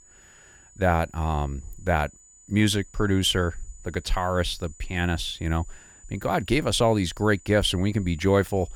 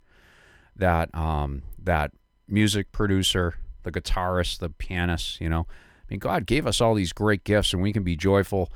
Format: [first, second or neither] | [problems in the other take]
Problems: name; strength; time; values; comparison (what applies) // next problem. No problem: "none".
second | high-pitched whine; faint; throughout; 7 kHz, 25 dB below the speech